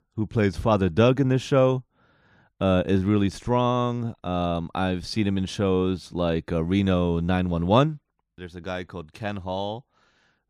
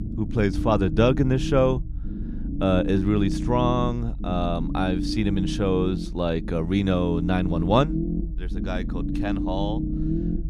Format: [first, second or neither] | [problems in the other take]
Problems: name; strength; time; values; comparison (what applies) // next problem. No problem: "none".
first | low rumble; loud; throughout; 9 dB below the speech